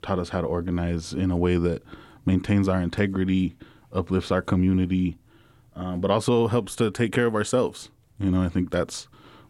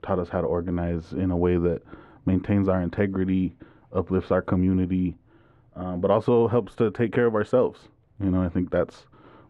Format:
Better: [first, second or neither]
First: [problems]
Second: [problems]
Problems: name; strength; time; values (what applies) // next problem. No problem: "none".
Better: first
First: none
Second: muffled; very; fading above 4 kHz